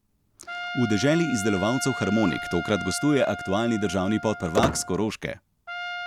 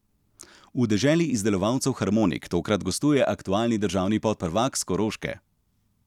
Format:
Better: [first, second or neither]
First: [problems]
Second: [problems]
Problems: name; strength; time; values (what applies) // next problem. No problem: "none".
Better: second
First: background sound (Squeak + Trumpet); 7 dB below the speech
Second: none